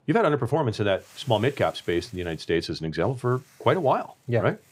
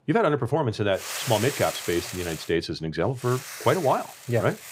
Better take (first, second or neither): first